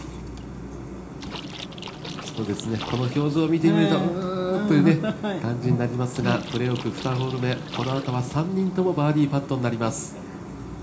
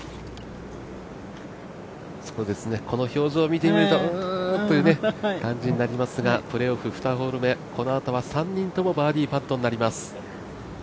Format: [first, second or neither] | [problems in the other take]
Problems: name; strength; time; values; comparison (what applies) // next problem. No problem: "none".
second | background sound (Splash, splatter); 18 dB below the speech // room echo; dies away in 0.4 s